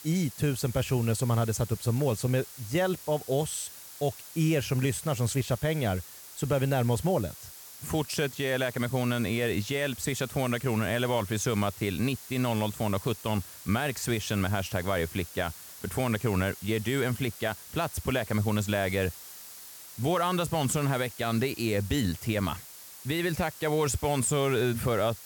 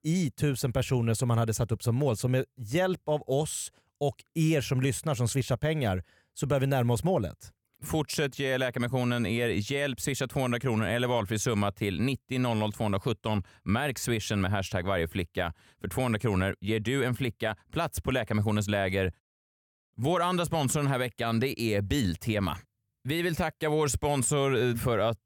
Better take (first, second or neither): second